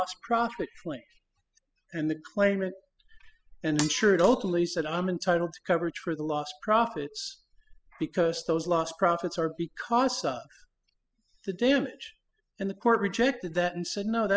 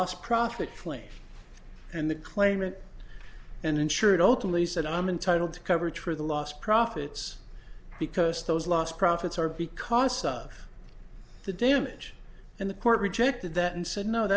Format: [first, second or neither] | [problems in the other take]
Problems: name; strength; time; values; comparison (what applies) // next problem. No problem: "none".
second | noise reduction (classical method spectral subtraction)